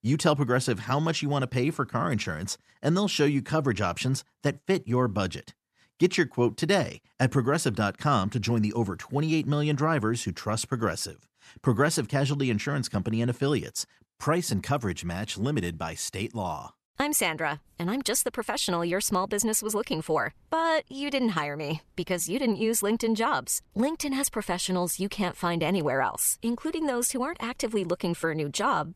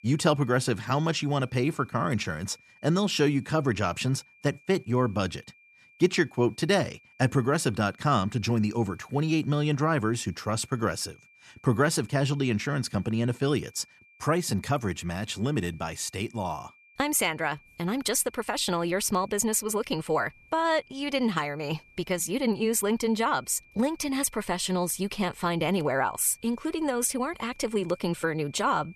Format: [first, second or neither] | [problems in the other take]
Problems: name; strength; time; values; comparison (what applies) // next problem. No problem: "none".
first | high-pitched whine; faint; throughout; 2.5 kHz, 30 dB below the speech